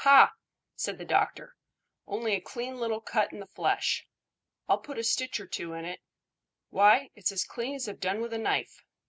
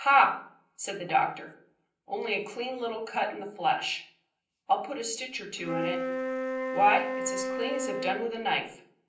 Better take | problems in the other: first | background sound (Wind instrument, woodwind instrument); 3 dB below the speech // room echo; dies away in 0.6 s

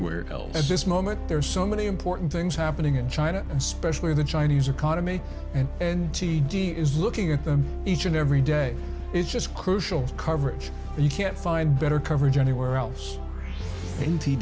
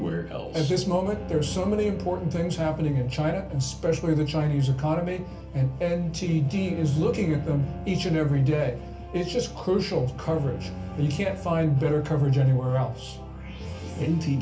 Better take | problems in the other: first | background sound (Bowed string instrument); 14 dB below the speech // room echo; dies away in 0.3 s

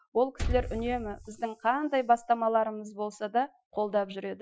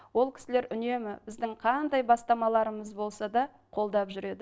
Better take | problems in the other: second | noise reduction (classical method Wiener filter)

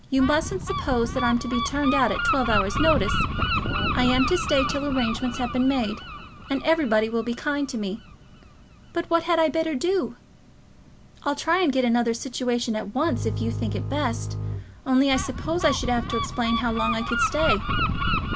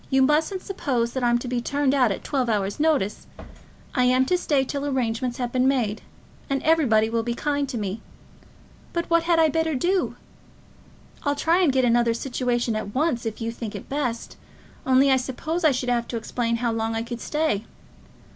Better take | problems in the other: second | background sound (Gull, seagull + Bowed string instrument); 4 dB below the speech

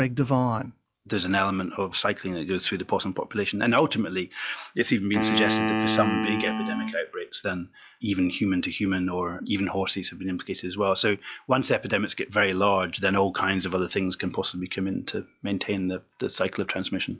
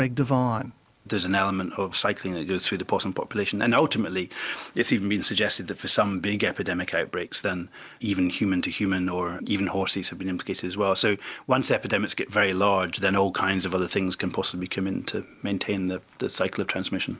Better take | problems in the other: second | noise reduction (classical method log-MMSE)

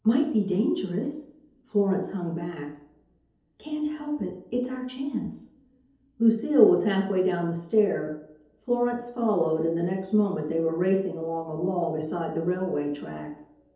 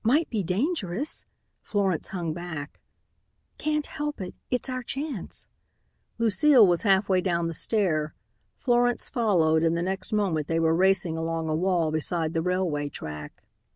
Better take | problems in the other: second | room echo; dies away in 2.2 s

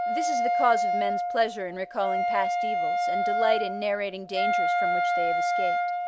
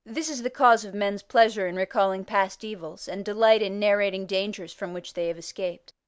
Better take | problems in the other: second | background sound (Wind instrument, woodwind instrument); 4 dB above the speech

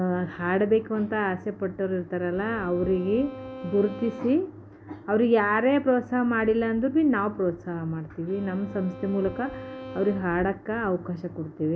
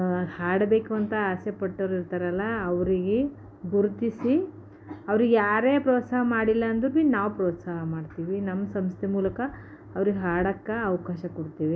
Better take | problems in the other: second | background sound (Bowed string instrument); 16 dB below the speech

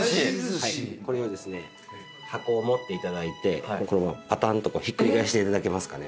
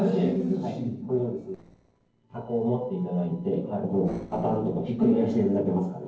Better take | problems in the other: first | noise reduction (neural separator model SepFormer DNS4)

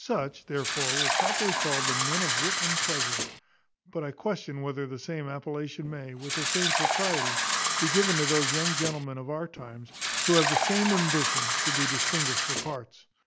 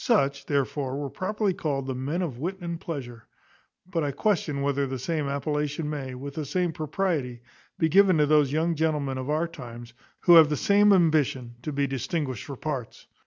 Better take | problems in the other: second | background sound (Fill (with liquid)); 3 dB above the speech

